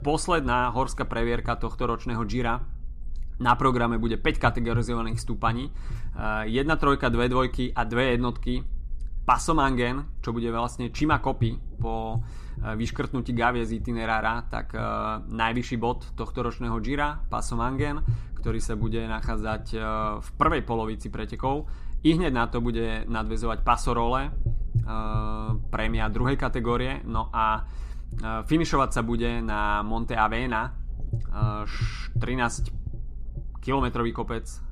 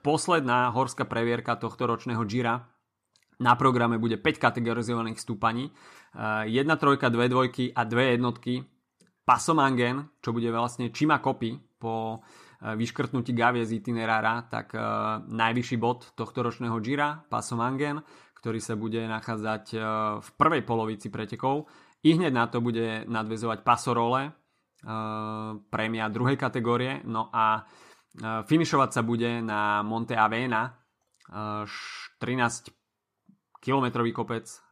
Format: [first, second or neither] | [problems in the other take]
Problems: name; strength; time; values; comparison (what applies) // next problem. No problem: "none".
second | low rumble; faint; throughout; 25 dB below the speech